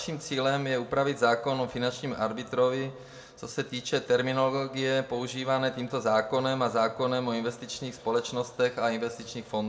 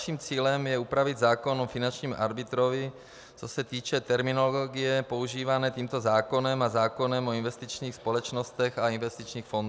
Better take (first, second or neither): second